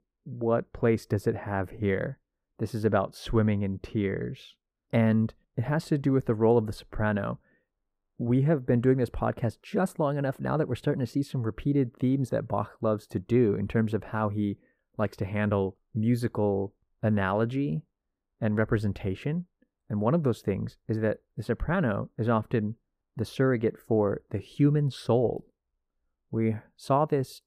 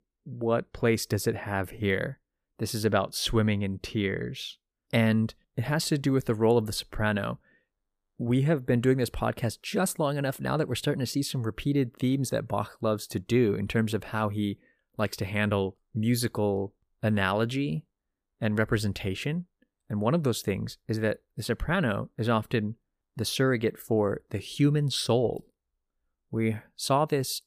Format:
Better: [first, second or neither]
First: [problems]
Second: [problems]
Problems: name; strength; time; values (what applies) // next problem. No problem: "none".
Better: second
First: muffled; slightly; fading above 2 kHz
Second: none